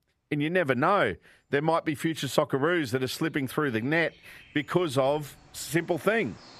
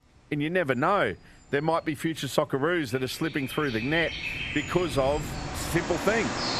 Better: first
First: animal sounds; faint; throughout; 25 dB below the speech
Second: animal sounds; loud; throughout; 6 dB below the speech

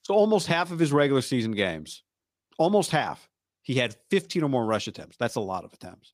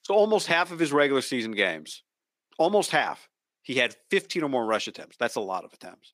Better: first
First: none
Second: thin; very slightly; fading below 300 Hz

